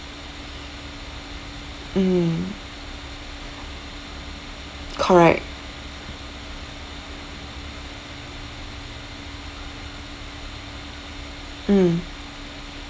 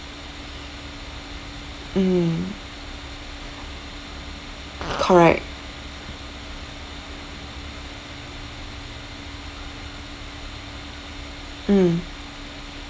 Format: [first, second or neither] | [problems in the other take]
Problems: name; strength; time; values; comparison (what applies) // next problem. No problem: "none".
first | background sound (Fart); 11 dB below the speech